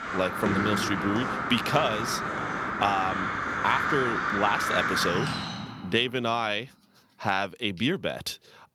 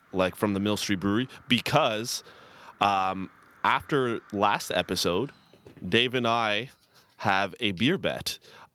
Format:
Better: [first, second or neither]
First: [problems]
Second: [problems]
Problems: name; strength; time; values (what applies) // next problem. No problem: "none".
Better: second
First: animal sounds; loud; until 5.5 s; as loud as the speech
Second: animal sounds; faint; until 5.5 s; 30 dB below the speech